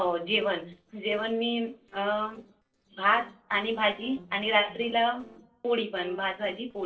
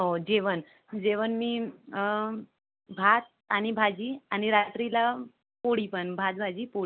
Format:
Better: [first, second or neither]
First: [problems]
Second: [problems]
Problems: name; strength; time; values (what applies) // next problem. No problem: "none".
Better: second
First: noise reduction (neural separator model SepFormer DNS4)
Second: none